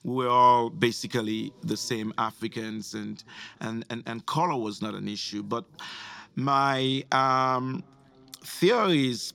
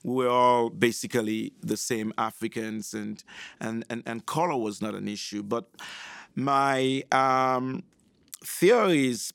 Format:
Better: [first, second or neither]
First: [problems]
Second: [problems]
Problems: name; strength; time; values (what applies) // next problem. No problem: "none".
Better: second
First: room echo; slight; dies away in 3 s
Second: none